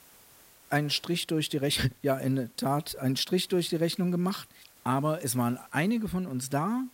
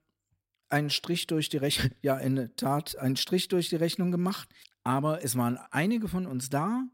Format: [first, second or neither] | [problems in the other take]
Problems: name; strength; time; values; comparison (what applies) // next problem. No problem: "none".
second | hiss; faint; throughout; 25 dB below the speech